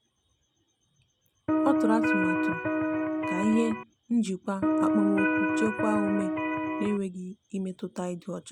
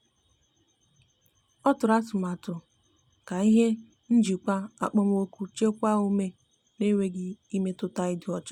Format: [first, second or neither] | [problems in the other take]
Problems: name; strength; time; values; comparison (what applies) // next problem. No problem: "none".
second | background sound (Electric guitar); 5 dB above the speech